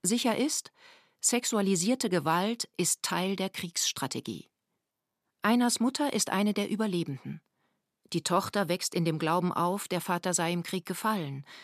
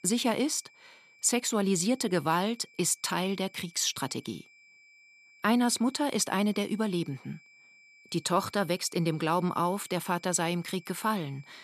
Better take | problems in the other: first | high-pitched whine; faint; throughout; 2.5 kHz, 25 dB below the speech

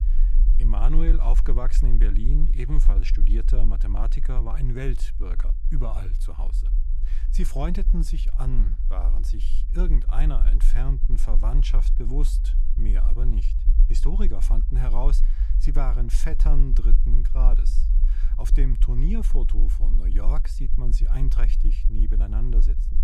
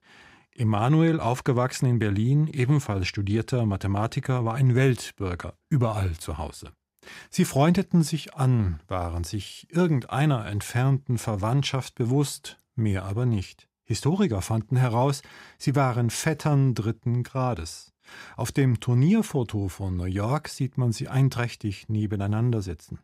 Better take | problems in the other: second | low rumble; noticeable; throughout; 10 dB below the speech

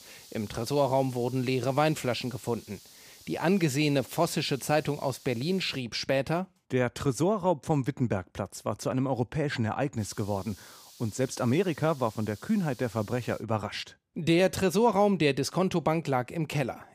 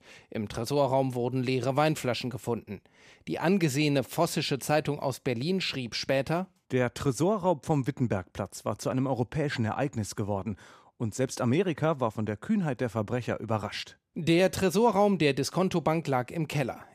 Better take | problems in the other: second | hiss; faint; until 6 s and from 10 to 13 s; 20 dB below the speech

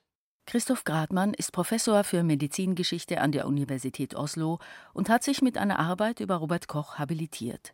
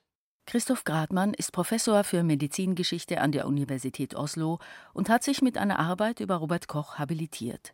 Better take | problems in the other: neither | none

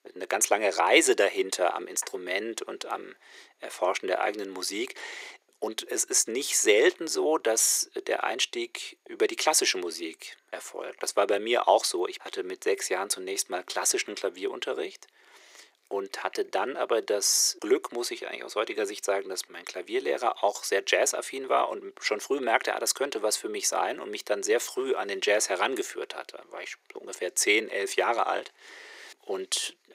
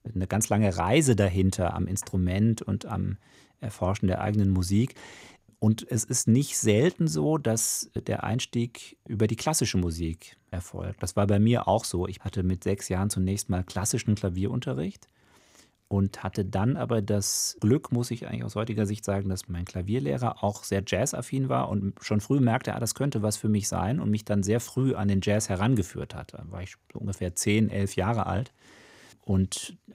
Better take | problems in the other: second | thin; very; fading below 350 Hz

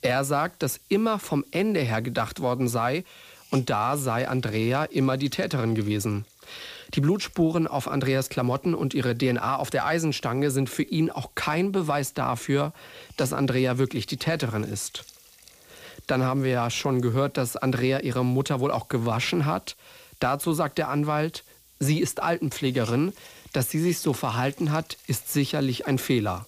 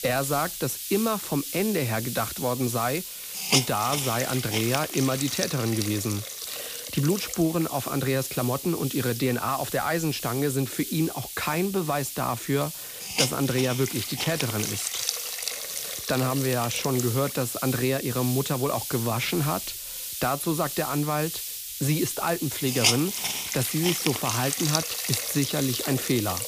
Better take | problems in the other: first | hiss; loud; throughout; 3 dB below the speech; faint in the first

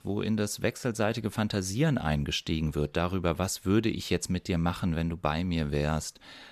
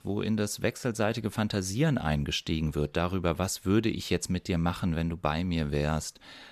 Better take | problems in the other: neither | none

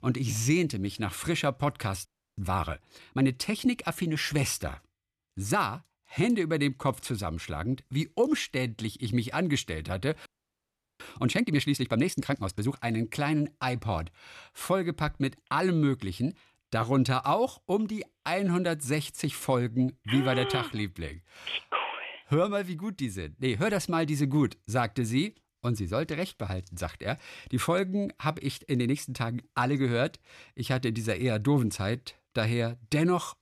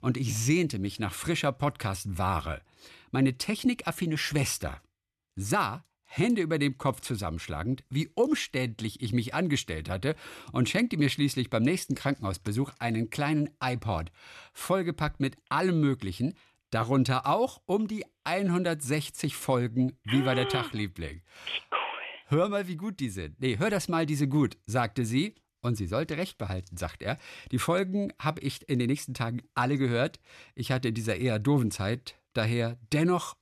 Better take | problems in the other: second | audio freezing; at 2 s and at 10 s for 0.5 s

